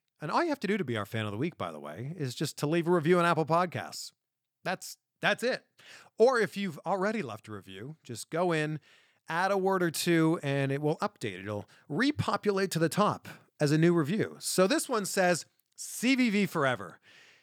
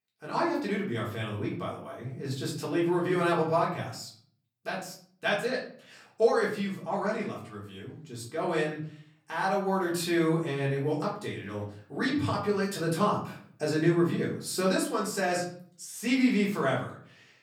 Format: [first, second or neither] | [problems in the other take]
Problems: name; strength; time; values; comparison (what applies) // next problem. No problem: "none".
first | off-mic speech; far // room echo; slight; dies away in 0.5 s